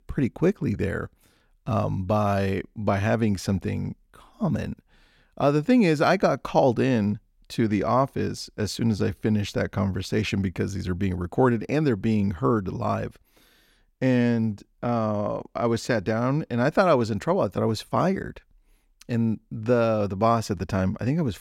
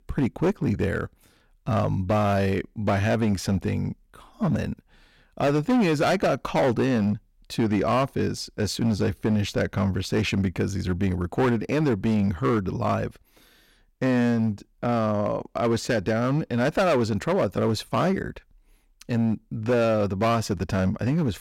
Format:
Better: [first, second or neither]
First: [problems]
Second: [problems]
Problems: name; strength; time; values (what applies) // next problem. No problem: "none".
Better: first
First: none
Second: distortion; slight; 9% of the sound clipped